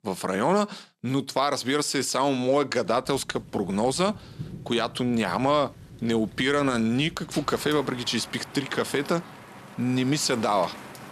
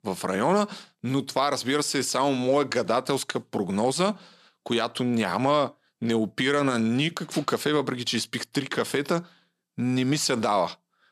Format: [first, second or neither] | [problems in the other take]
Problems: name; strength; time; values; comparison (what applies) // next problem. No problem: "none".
second | rain or running water; noticeable; from 3 s on; 20 dB below the speech